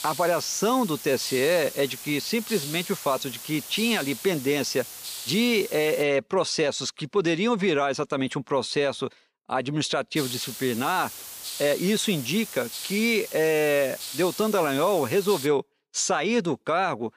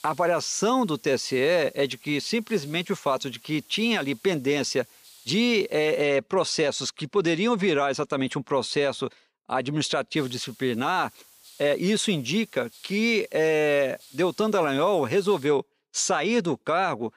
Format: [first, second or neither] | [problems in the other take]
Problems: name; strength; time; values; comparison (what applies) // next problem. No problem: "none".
second | hiss; loud; until 6 s and from 10 to 15 s; 10 dB below the speech; faint in the second